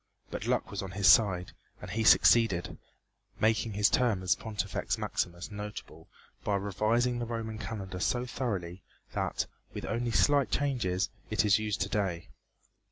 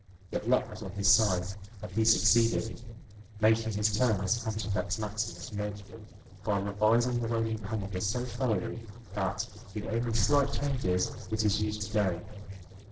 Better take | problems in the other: first | noise reduction (neural separator model SepFormer DNS4)

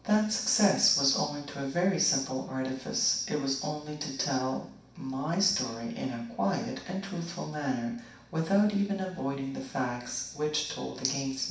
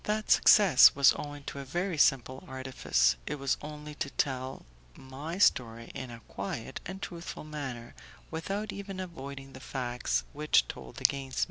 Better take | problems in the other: second | room echo; dies away in 0.6 s

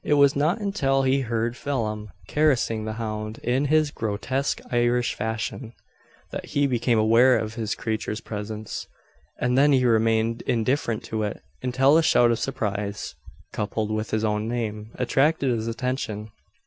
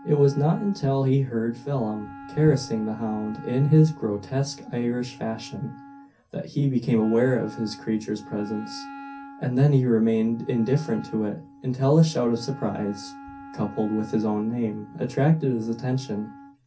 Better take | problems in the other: first | background sound (Wind instrument, woodwind instrument); 18 dB below the speech // room echo; dies away in 0.3 s

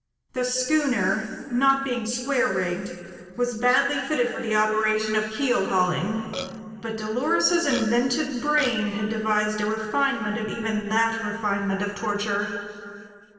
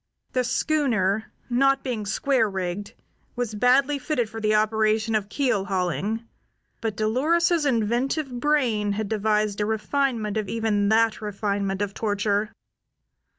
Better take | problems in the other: second | noise reduction (neural separator model SepFormer DNS4)

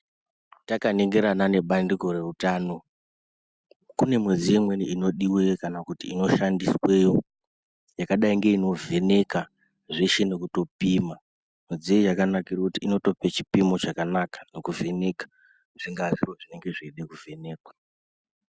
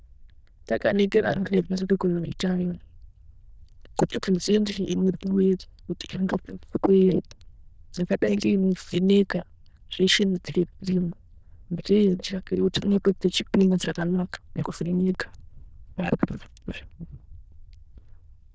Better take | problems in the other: first | noise reduction (neural diffusion model UNIVERSE++)

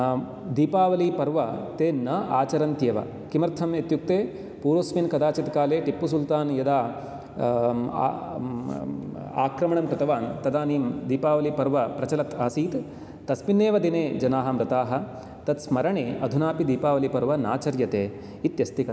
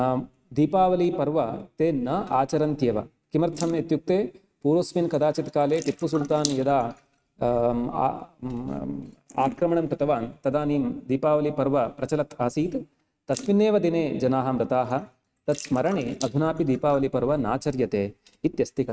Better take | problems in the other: first | noise reduction (neural mask model RNNoise)

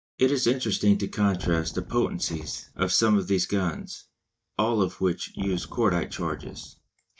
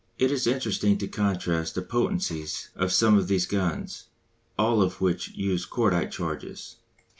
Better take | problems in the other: second | noise reduction (neural mask model DeepFilterNet 3)

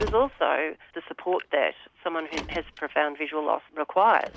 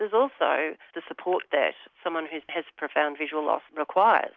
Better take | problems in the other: second | background sound (Car); 16 dB below the speech

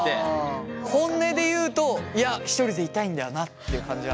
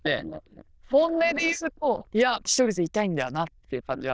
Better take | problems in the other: first | noise reduction (neural diffusion model UNIVERSE++)

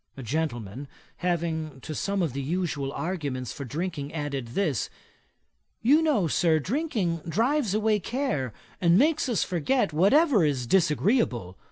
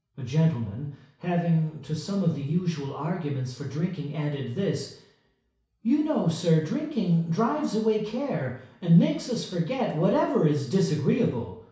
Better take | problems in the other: first | room echo; dies away in 0.6 s

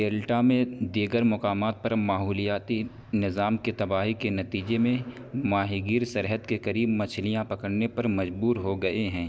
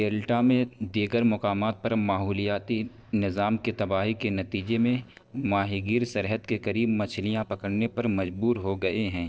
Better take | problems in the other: first | noise reduction (neural separator model SepFormer DNS4)

